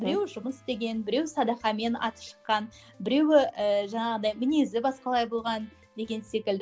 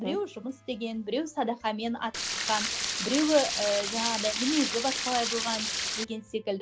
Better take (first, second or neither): first